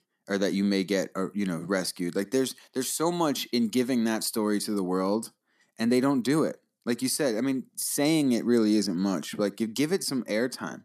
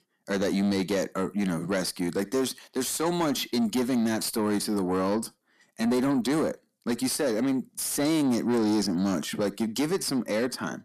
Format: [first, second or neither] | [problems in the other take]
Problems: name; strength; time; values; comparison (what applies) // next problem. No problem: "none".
first | distortion; slight; 10 dB below the speech